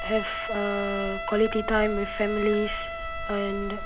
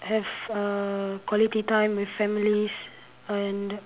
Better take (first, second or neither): second